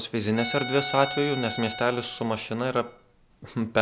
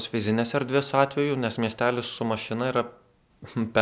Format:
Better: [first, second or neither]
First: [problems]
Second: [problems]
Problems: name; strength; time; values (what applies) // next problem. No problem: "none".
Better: second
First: background sound (Bowed string instrument); 10 dB below the speech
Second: none